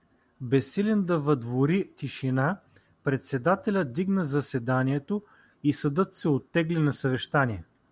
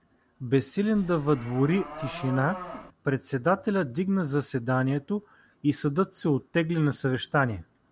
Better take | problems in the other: first | background sound (Livestock, farm animals, working animals); 12 dB below the speech

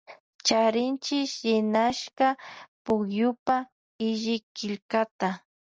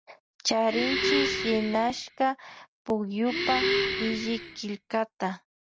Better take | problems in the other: first | background sound (Breathing); 2 dB below the speech

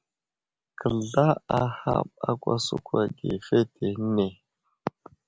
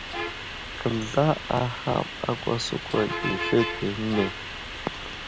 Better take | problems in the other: first | background sound (Bus); 6 dB below the speech

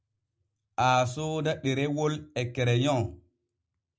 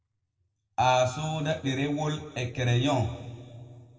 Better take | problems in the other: first | room echo; dies away in 1.7 s

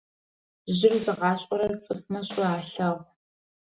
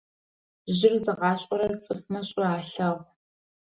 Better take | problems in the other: second | background sound (Snare drum); 19 dB below the speech

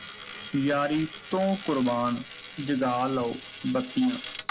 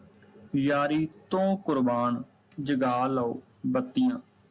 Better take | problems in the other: second | background sound (Coin (dropping)); 14 dB below the speech

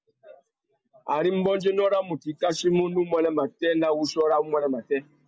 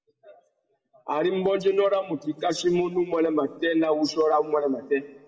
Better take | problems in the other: first | room echo; dies away in 1.1 s

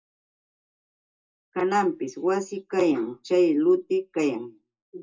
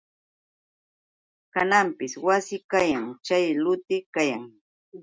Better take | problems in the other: second | room echo; dies away in 0.2 s

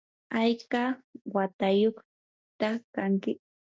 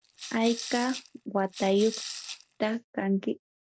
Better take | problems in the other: first | background sound (Rattle / Rattle (instrument)); 11 dB below the speech

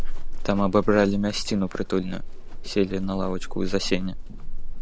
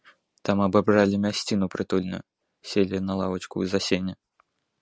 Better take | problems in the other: second | background sound (Livestock, farm animals, working animals); 1 dB below the speech

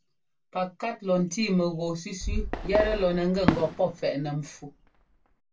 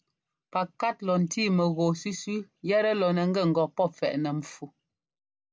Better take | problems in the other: second | background sound (Fireworks); 4 dB below the speech // room echo; dies away in 0.2 s

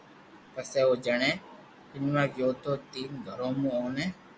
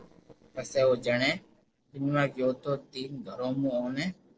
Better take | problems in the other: first | noise reduction (neural separator model SepFormer DNS4)

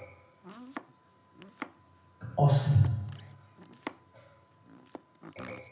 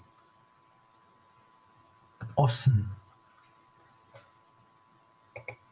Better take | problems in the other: second | background sound (Domestic sounds, home sounds); 17 dB below the speech // room echo; dies away in 0.9 s

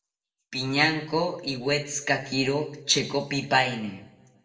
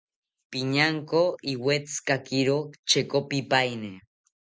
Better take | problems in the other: second | room echo; dies away in 0.6 s

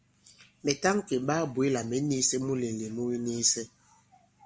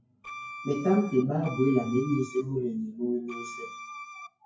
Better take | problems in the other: first | noise reduction (classical method WPE with log-MMSE)

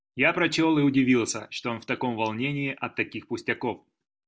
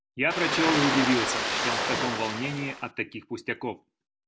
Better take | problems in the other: first | background sound (Ocean); 1 dB above the speech

